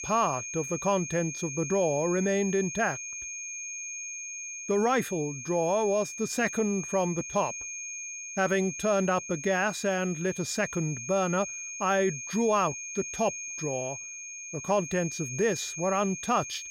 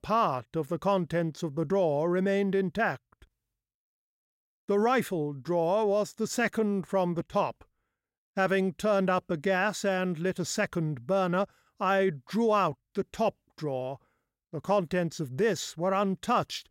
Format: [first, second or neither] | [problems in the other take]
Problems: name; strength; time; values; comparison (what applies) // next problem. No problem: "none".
second | high-pitched whine; loud; throughout; 6.5 kHz, 7 dB below the speech